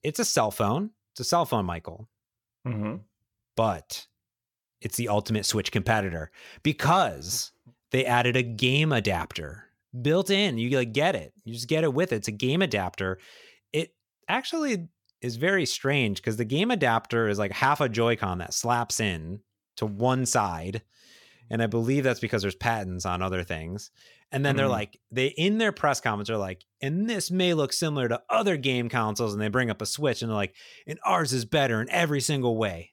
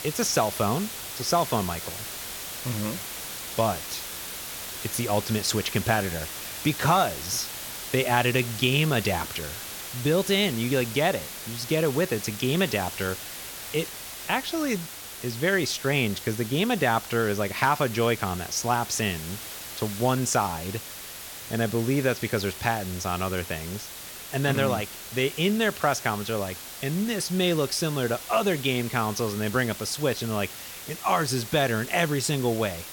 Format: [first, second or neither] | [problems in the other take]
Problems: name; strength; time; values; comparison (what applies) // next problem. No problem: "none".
first | hiss; loud; throughout; 9 dB below the speech